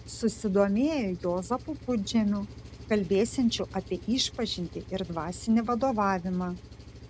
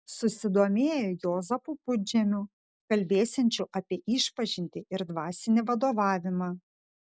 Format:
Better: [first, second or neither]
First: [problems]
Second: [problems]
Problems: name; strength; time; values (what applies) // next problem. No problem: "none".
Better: second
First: background sound (Engine); 16 dB below the speech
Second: none